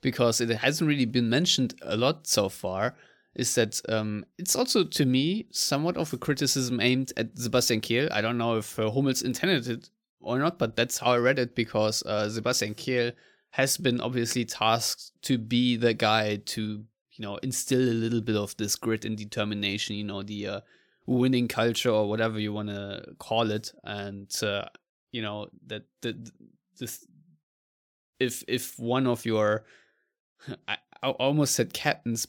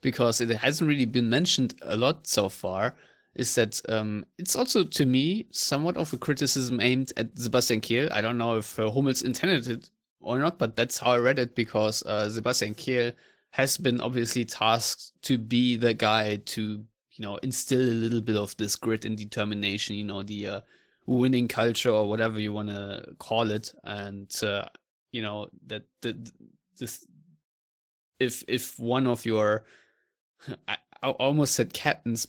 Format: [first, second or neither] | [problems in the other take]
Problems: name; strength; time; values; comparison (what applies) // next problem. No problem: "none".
first | garbled, watery; slightly; nothing above 18 kHz